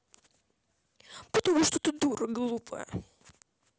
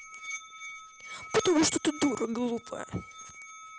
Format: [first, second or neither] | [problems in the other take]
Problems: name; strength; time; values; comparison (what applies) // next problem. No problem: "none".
first | background sound (Musical instrument); 12 dB below the speech